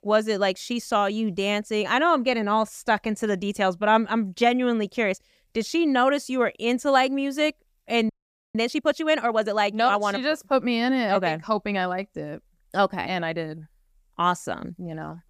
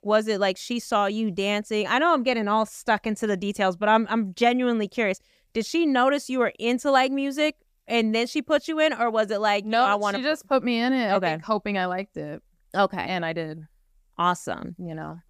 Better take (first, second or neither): second